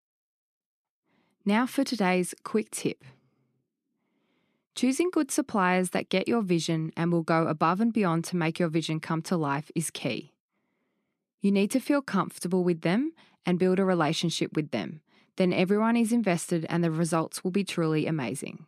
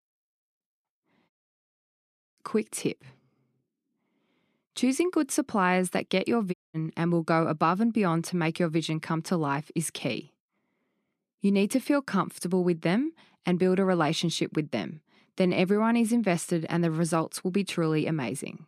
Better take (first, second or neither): first